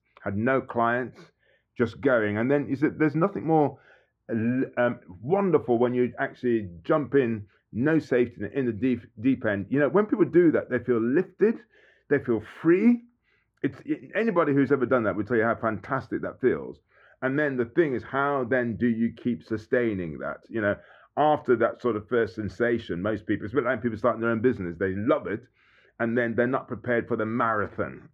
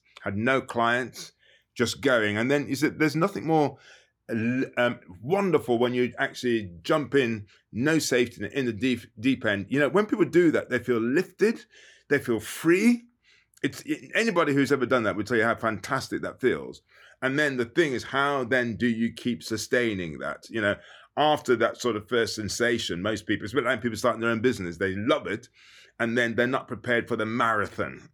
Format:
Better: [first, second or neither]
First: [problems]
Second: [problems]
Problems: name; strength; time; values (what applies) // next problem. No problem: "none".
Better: second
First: muffled; very; fading above 3.5 kHz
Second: none